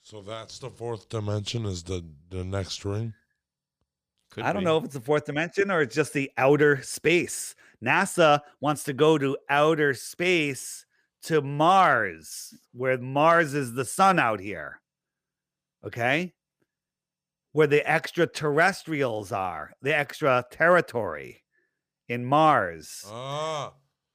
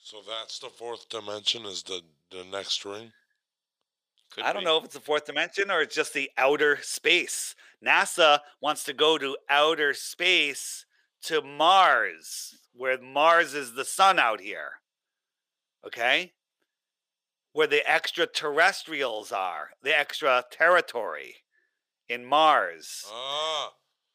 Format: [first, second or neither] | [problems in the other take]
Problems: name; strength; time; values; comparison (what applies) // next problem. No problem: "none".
first | thin; somewhat; fading below 500 Hz